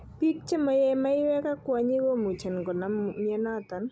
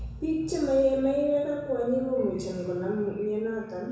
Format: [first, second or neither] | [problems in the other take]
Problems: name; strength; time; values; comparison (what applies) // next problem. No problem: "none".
first | background sound (Bowed string instrument); 20 dB below the speech // room echo; dies away in 1 s